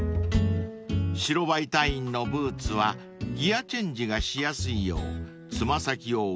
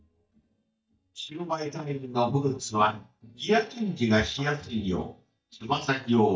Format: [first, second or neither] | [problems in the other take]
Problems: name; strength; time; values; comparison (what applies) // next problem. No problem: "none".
first | noise reduction (neural mask model DeepFilterNet 3)